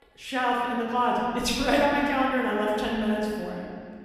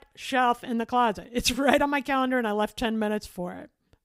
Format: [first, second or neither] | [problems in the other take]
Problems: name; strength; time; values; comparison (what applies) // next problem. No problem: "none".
second | room echo; noticeable; dies away in 1.9 s // off-mic speech; far